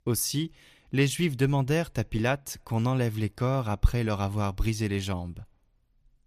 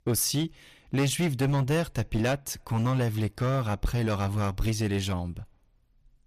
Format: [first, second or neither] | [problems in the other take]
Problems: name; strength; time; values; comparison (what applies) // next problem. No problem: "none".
first | distortion; heavy; 9% of the sound clipped